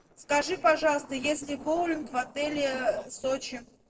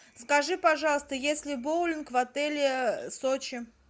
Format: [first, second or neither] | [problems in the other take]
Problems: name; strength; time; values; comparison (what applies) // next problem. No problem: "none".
second | noise reduction (neural separator model SepFormer DNS4)